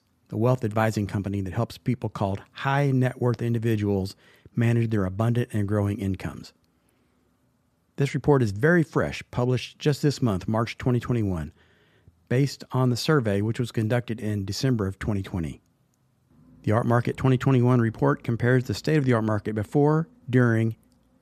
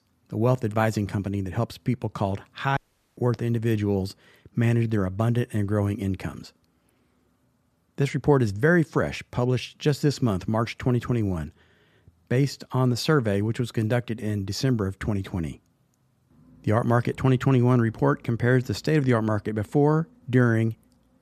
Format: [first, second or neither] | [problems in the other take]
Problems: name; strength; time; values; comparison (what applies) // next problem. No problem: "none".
first | audio cutting out; at 3 s